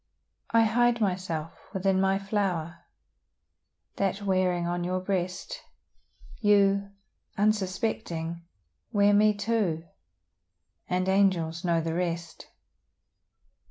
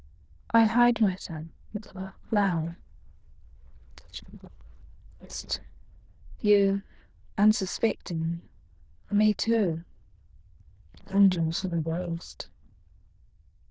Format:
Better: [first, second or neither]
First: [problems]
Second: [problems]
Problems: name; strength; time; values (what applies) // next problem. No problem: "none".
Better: first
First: none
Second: noise reduction (neural diffusion model UNIVERSE++)